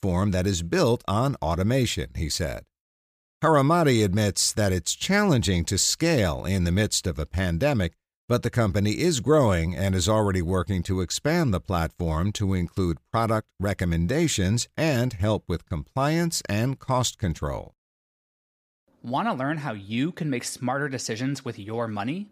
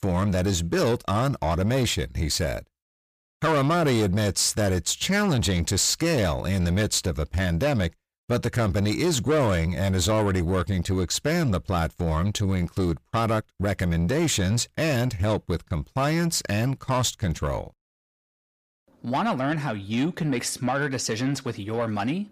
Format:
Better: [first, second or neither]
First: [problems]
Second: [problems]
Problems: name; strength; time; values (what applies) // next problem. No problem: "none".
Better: first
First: none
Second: distortion; slight; 10 dB below the speech